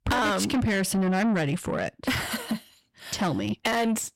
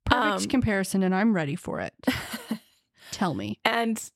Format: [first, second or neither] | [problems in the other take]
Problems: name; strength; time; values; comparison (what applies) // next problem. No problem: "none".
second | distortion; heavy; 7 dB below the speech